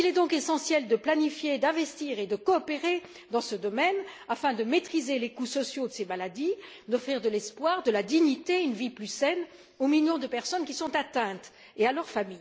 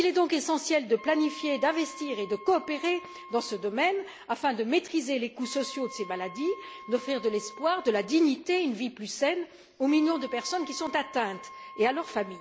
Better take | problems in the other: first | background sound (Wind instrument, woodwind instrument); 18 dB below the speech

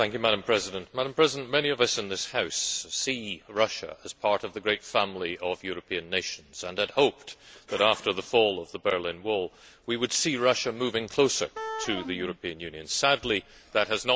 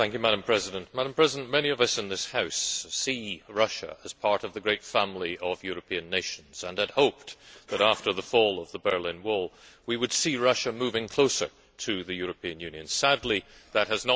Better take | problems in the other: second | background sound (Wind instrument, woodwind instrument); 10 dB below the speech

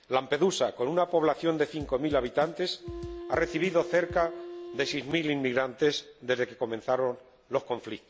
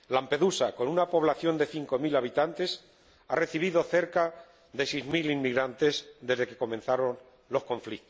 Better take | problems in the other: second | background sound (Drum / Drum kit + Wind instrument, woodwind instrument); 12 dB below the speech

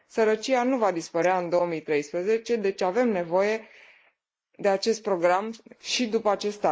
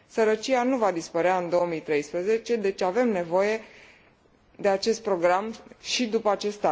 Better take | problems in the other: second | noise reduction (neural mask model Resemble Enhance denoiser)

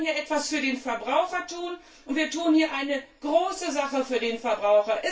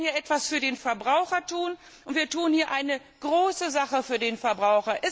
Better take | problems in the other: second | room echo; dies away in 0.2 s

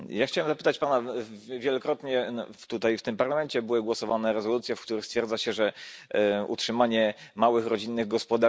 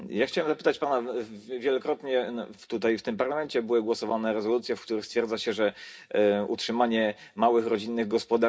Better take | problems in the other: first | room echo; dies away in 0.3 s

